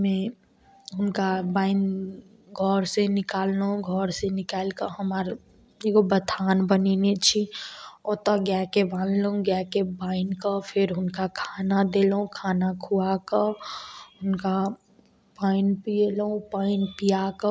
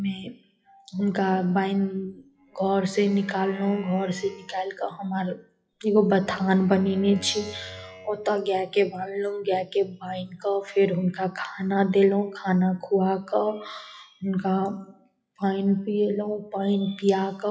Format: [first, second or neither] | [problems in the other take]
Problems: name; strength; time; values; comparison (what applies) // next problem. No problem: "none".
first | noise reduction (classical method WPE with log-MMSE)